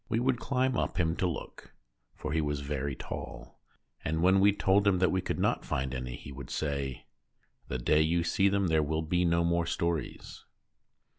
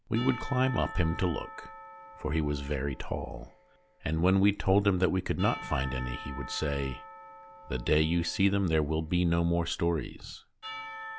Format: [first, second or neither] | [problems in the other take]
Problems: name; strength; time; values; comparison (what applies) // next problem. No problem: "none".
first | background sound (Church bell / Percussion); 16 dB below the speech